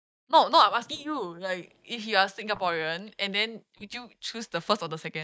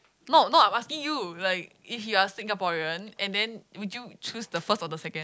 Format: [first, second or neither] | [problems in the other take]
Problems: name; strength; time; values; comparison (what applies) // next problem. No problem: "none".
second | noise reduction (neural mask model DeepFilterNet 3)